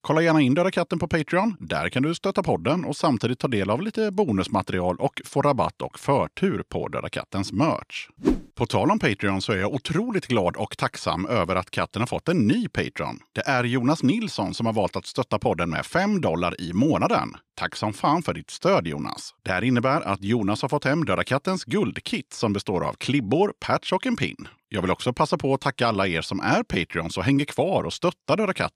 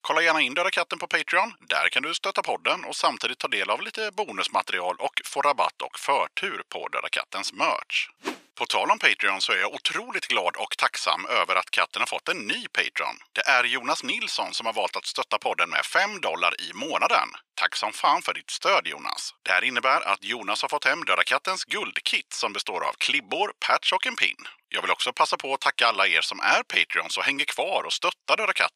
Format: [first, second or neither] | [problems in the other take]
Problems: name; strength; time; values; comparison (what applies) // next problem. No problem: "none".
first | thin; very; fading below 900 Hz